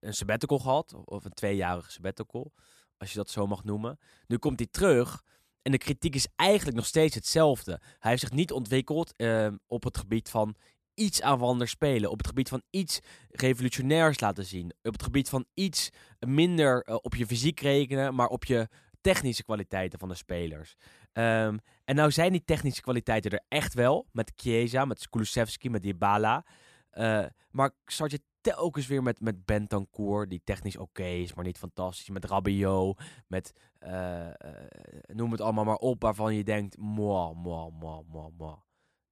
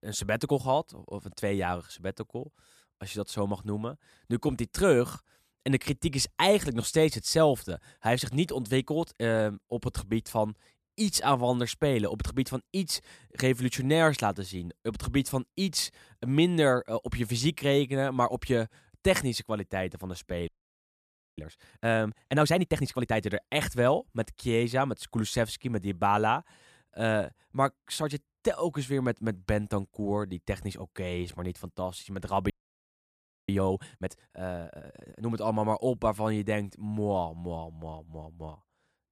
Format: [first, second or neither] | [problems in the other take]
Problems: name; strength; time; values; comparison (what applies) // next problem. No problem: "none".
first | audio freezing; at 20 s for 1 s and at 33 s for 1 s